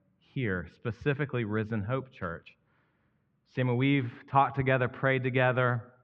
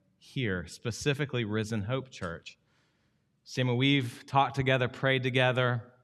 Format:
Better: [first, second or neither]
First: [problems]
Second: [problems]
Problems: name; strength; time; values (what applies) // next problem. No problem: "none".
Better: second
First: muffled; very; fading above 2.5 kHz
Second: none